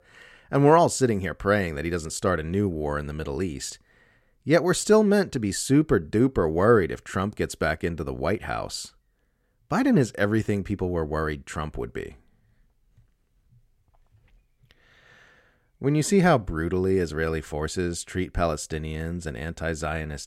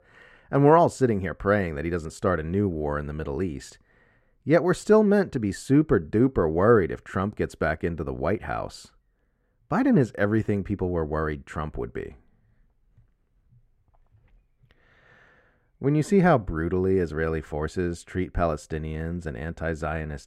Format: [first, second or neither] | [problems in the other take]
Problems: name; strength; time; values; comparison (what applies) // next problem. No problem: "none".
first | muffled; slightly; fading above 2.5 kHz